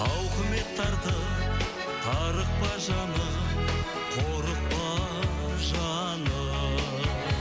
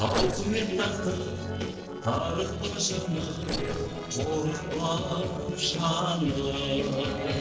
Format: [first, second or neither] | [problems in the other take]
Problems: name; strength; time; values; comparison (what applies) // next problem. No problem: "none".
first | noise reduction (neural separator model SepFormer DNS4)